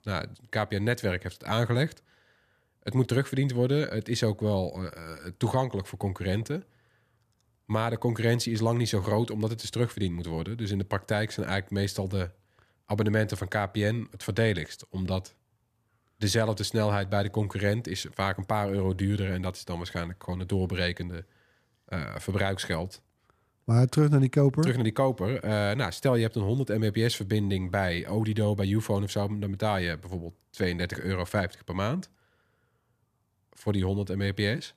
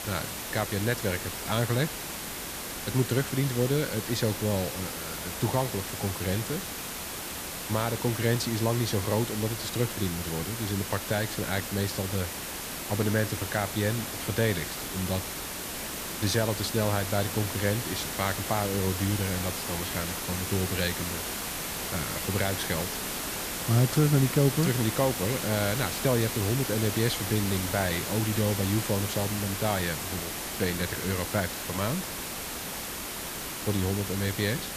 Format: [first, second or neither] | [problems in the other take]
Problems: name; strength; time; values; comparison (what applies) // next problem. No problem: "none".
first | hiss; loud; throughout; 3 dB below the speech